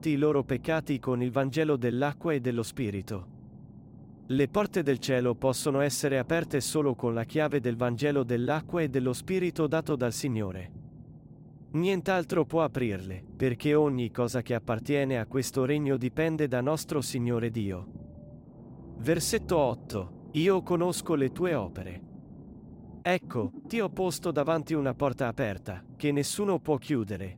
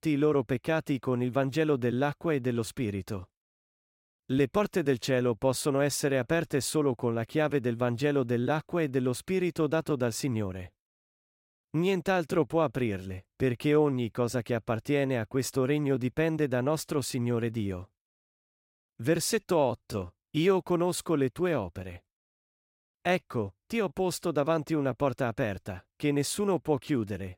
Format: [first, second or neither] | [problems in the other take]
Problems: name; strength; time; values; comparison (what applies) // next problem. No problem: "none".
second | low rumble; faint; throughout; 25 dB below the speech